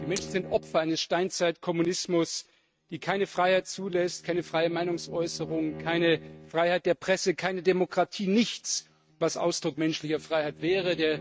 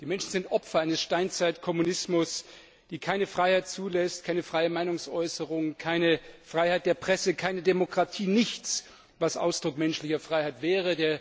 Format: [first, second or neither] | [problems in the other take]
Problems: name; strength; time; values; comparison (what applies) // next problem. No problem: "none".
second | noise reduction (neural mask model RNNoise)